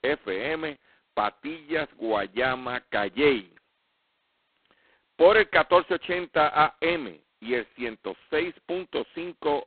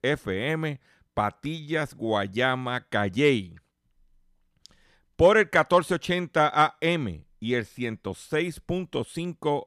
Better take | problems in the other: second | phone-call audio; poor line; nothing above 4 kHz

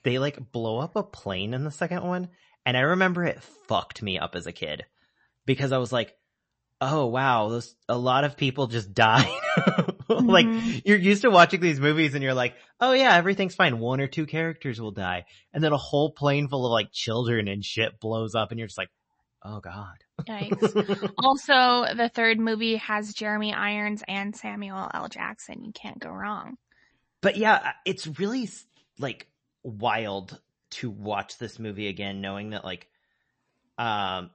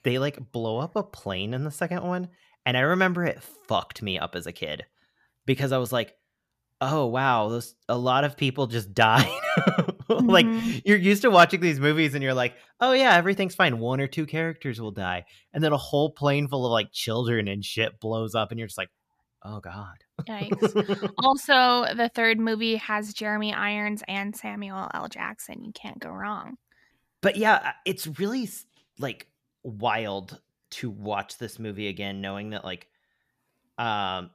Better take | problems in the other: second | garbled, watery; slightly; nothing above 8 kHz

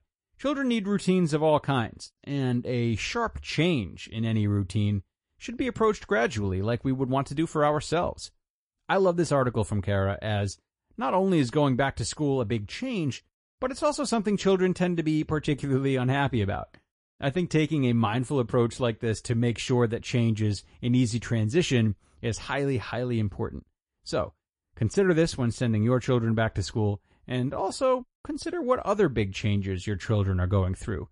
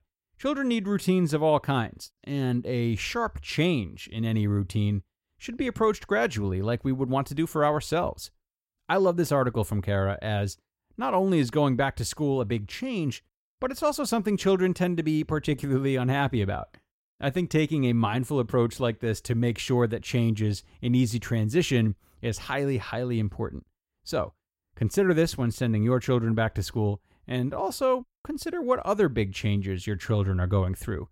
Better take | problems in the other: second | garbled, watery; slightly; nothing above 10.5 kHz

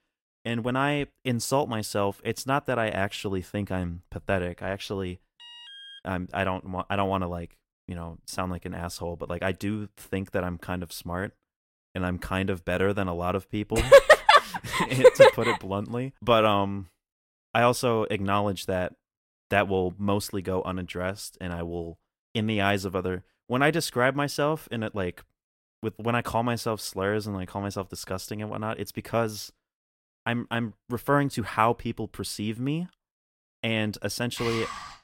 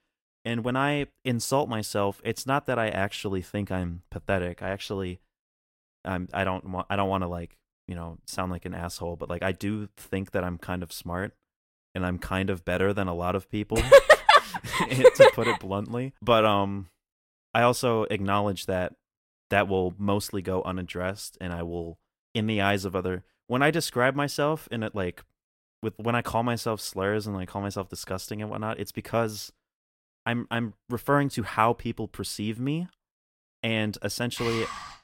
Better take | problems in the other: second | alarm; faint; at 5.5 s; peak 15 dB below the speech

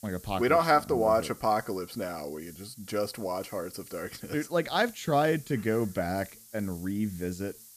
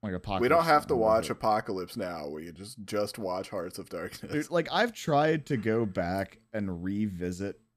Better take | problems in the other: second | hiss; noticeable; throughout; 20 dB below the speech

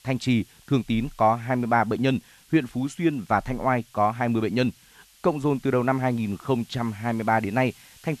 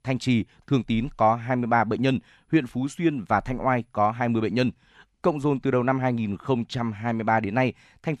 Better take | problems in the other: second | hiss; faint; throughout; 25 dB below the speech

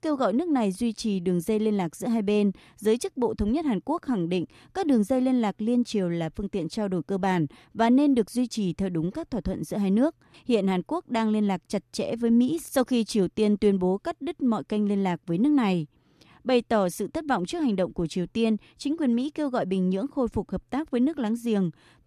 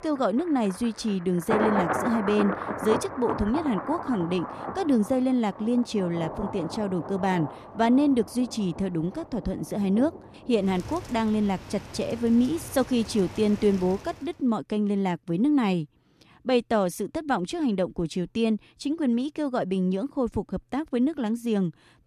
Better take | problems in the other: first | rain or running water; loud; until 14 s; 8 dB below the speech

